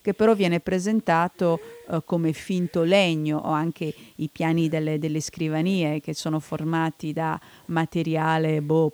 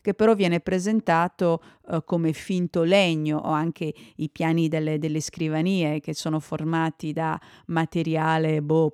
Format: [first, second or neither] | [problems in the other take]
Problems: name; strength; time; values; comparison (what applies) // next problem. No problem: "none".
second | hiss; faint; throughout; 25 dB below the speech